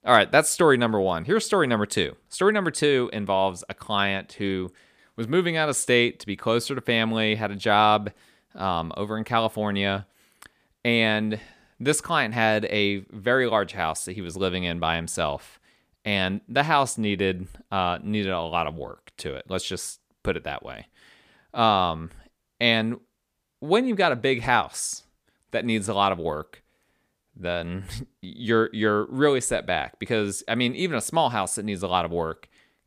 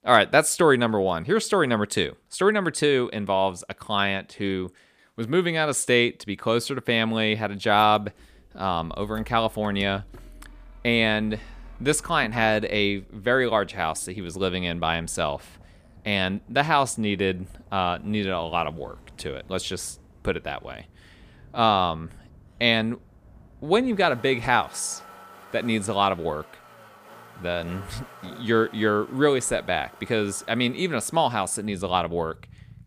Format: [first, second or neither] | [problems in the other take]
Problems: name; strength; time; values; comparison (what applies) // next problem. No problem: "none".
first | traffic noise; faint; from 7.5 s on; 25 dB below the speech